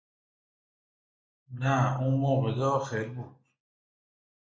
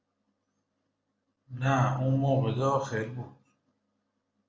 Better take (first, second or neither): second